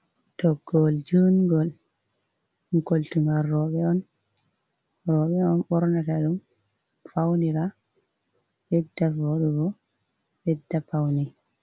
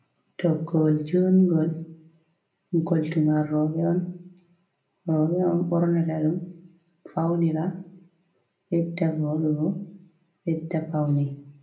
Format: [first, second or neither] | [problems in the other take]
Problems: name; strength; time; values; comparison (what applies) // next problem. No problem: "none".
first | room echo; dies away in 0.4 s